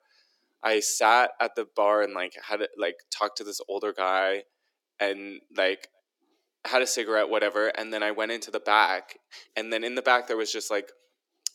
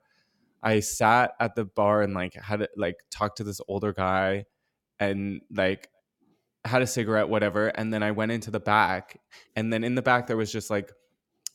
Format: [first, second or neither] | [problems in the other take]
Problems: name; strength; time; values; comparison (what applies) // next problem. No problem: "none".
second | thin; very; fading below 300 Hz